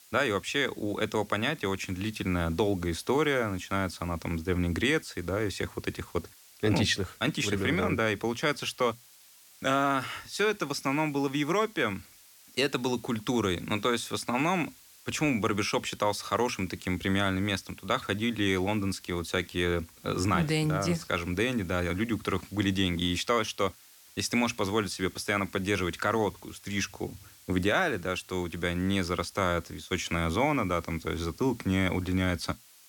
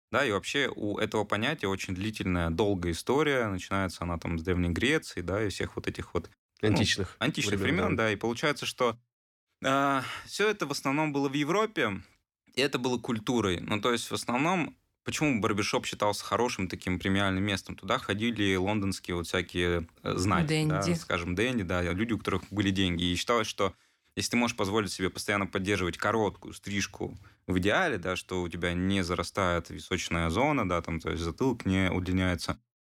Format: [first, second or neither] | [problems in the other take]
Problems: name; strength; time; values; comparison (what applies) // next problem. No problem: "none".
second | hiss; faint; throughout; 25 dB below the speech